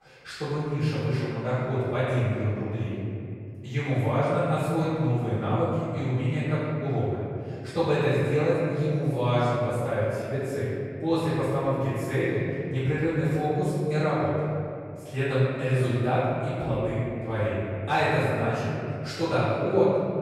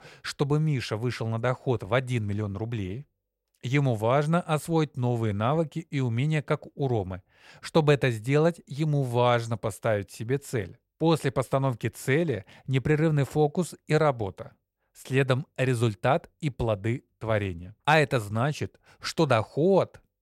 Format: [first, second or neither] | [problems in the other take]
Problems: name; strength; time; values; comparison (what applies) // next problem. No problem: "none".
second | off-mic speech; far // room echo; strong; dies away in 2.5 s